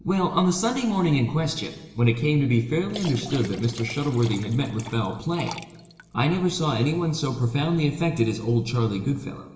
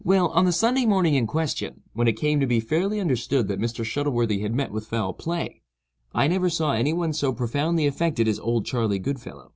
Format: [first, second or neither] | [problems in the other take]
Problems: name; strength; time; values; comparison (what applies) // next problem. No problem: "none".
second | background sound (Liquid); 17 dB below the speech // room echo; dies away in 1.2 s